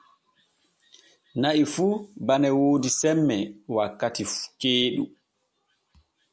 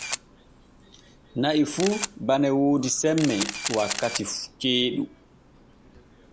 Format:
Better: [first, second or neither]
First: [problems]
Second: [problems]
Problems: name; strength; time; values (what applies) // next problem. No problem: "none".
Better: first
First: none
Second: background sound (Camera); 10 dB below the speech